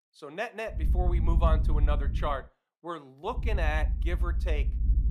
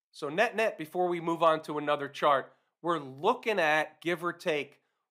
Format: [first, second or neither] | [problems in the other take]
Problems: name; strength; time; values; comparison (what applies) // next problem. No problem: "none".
second | low rumble; noticeable; from 1 to 2.5 s and from 3.5 s on; 15 dB below the speech